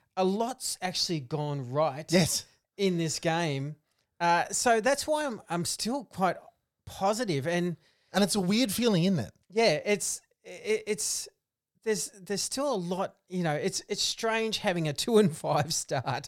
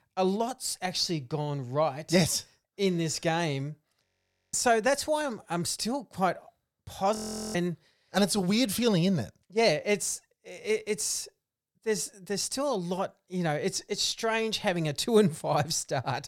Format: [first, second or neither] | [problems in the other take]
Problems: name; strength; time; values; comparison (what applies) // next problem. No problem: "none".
first | audio freezing; at 4 s and at 7 s